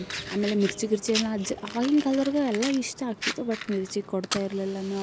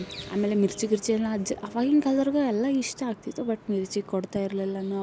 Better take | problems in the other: second | background sound (Fire); 10 dB below the speech

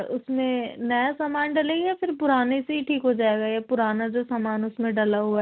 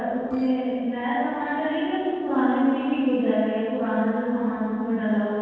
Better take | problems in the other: first | noise reduction (neural separator model SepFormer DNS4)

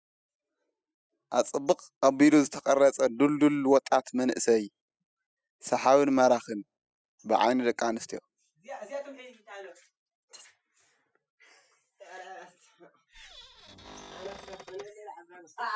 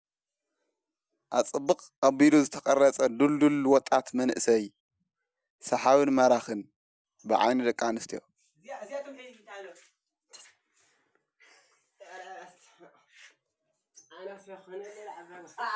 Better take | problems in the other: second | noise reduction (classical method spectral subtraction)

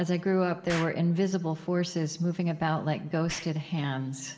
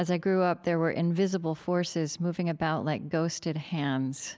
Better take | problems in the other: second | background sound (Explosion); 18 dB below the speech // room echo; dies away in 2.9 s

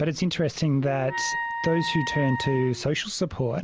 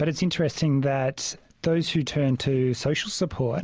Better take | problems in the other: second | background sound (Wind instrument, woodwind instrument); 7 dB below the speech

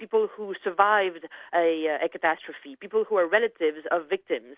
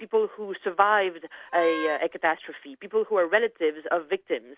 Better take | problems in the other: first | background sound (Wind instrument, woodwind instrument); 10 dB below the speech

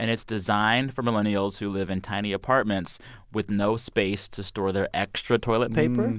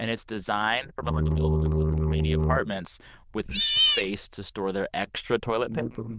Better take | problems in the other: first | noise reduction (neural diffusion model UNIVERSE++)

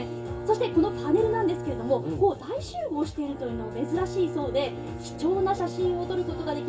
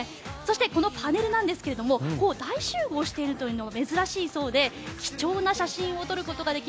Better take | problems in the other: second | background sound (Bowed string instrument); 8 dB below the speech // room echo; dies away in 0.2 s

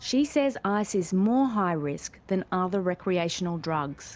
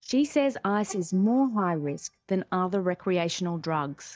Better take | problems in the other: first | noise reduction (neural mask model DeepFilterNet 3)

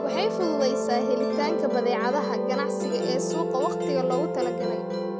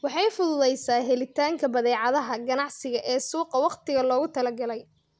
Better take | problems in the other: second | background sound (Musical instrument); 2 dB above the speech

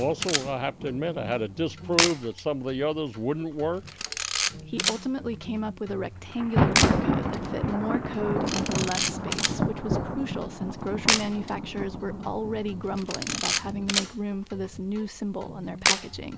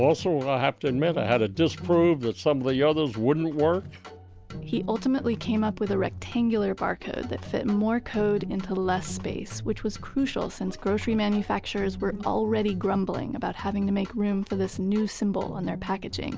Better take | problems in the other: second | background sound (Camera + Thunder); 1 dB above the speech

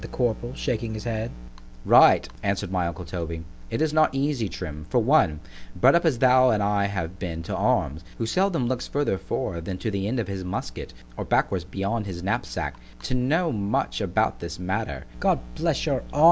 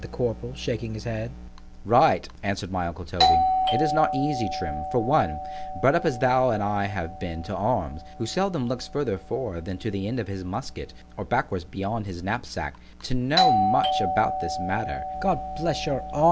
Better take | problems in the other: first | background sound (Doorbell); 3 dB below the speech

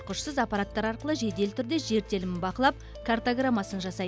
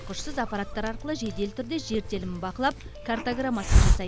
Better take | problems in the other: first | background sound (Hiss); 3 dB above the speech

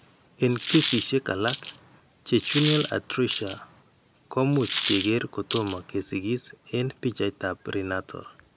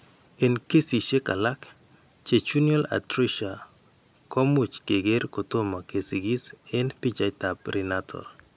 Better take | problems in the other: second | background sound (Coin (dropping)); 6 dB below the speech

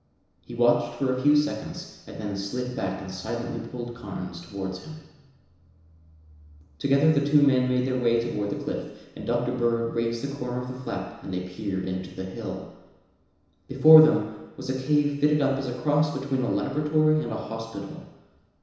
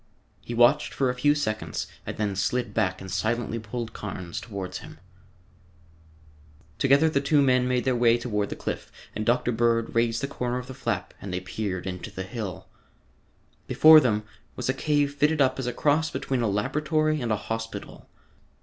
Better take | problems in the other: second | room echo; dies away in 1 s

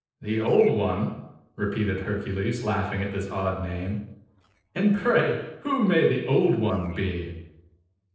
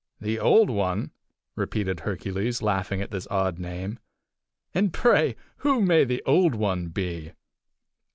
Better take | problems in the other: second | noise reduction (neural separator model SepFormer DNS4)

